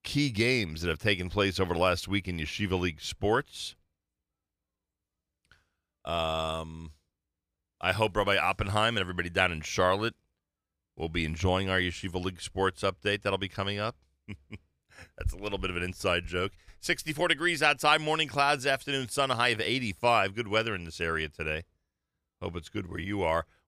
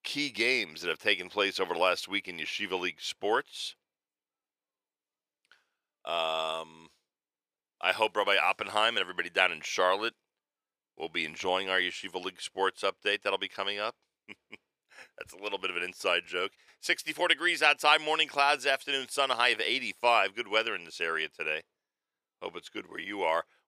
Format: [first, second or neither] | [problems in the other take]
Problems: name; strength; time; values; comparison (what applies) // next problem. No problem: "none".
first | thin; somewhat; fading below 400 Hz